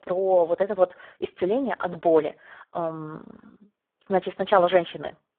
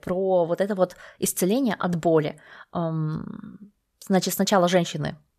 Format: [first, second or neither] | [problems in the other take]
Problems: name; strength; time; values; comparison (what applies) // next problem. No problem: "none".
second | phone-call audio; poor line